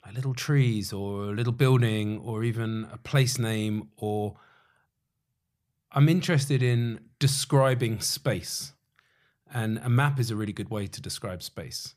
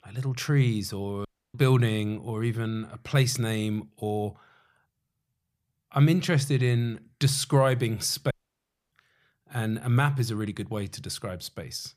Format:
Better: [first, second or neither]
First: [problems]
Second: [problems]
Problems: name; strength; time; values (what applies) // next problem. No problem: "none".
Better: first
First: none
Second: audio cutting out; at 1.5 s and at 8.5 s for 0.5 s